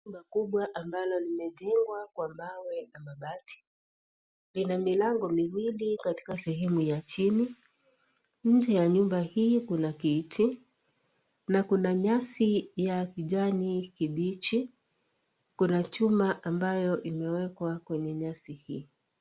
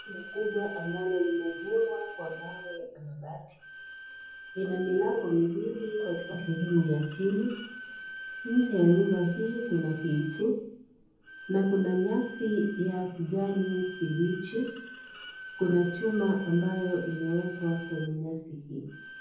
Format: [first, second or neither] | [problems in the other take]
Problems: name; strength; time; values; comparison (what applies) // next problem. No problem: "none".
first | background sound (Bowed string instrument); 14 dB below the speech // room echo; dies away in 0.7 s